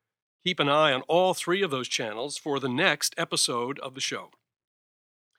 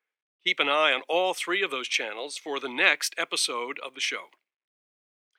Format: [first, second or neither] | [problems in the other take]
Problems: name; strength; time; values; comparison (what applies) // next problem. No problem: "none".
first | thin; somewhat; fading below 300 Hz